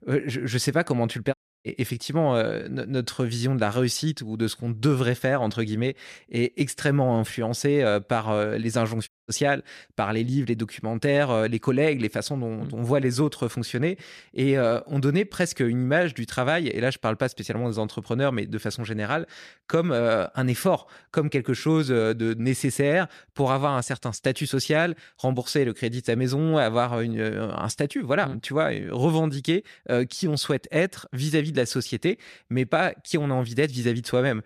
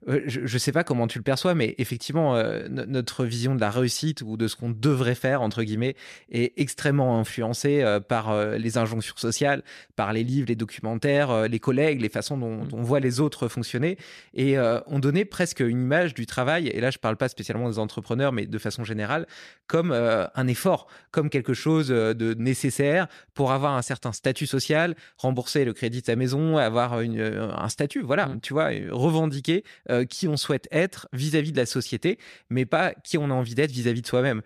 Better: second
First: audio cutting out; at 1.5 s and at 9 s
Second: none

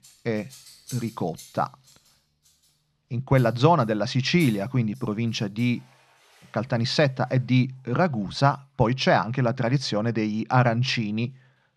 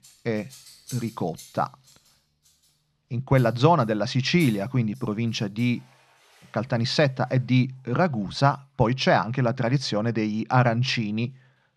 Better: neither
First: household noises; faint; throughout; 25 dB below the speech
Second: household noises; faint; throughout; 25 dB below the speech

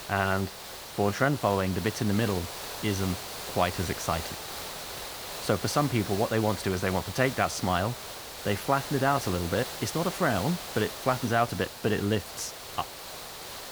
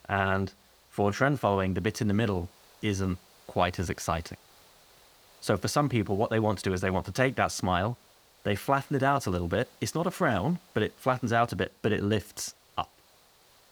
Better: second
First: hiss; loud; throughout; 8 dB below the speech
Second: hiss; faint; throughout; 30 dB below the speech

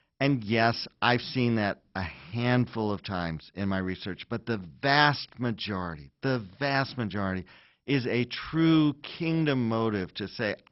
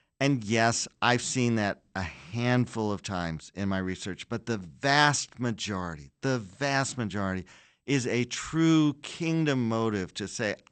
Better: second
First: garbled, watery; badly; nothing above 5.5 kHz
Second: garbled, watery; slightly; nothing above 8.5 kHz

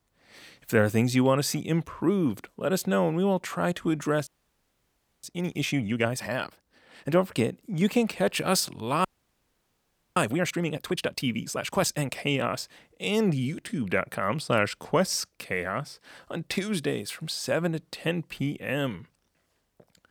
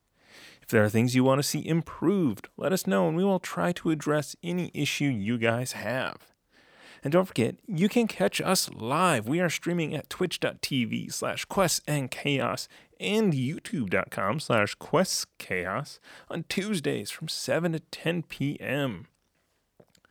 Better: second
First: audio freezing; at 4.5 s for 1 s and at 9 s for 1 s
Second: none

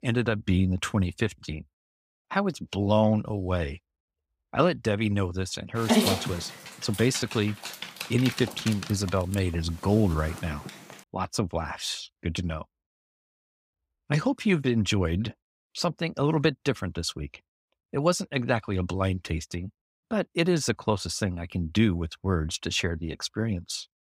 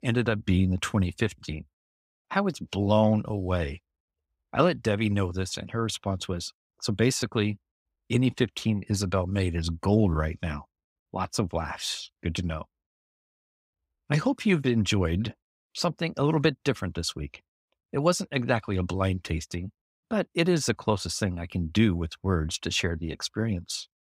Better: second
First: dog barking; loud; from 6 to 11 s; peak 5 dB above the speech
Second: none

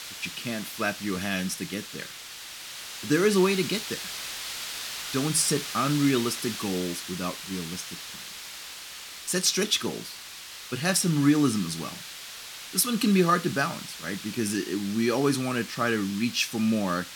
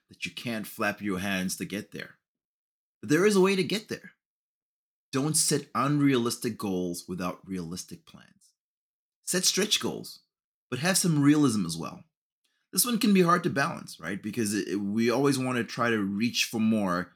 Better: second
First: hiss; loud; throughout; 10 dB below the speech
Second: none

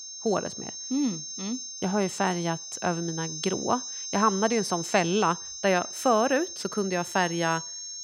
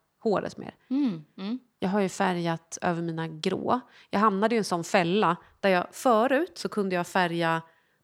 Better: second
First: high-pitched whine; loud; throughout; 6.5 kHz, 7 dB below the speech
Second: none

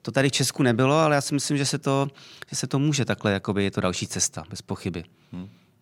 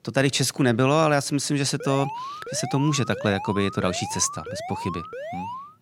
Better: first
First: none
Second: alarm; noticeable; from 2 s on; peak 9 dB below the speech

